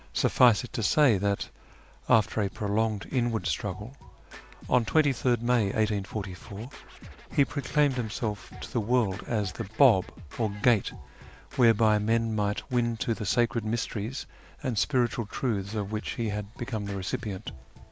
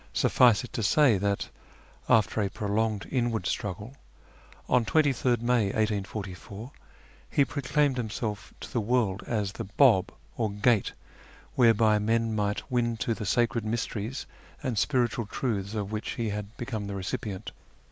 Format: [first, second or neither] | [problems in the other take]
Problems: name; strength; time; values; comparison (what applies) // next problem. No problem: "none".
second | background sound (Scratching (performance technique)); 20 dB below the speech